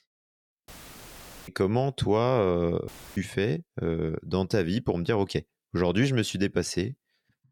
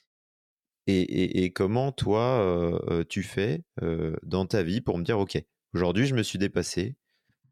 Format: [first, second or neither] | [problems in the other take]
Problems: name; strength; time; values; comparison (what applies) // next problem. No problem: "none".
second | audio cutting out; filled with static; at 0.5 s for 1 s and at 3 s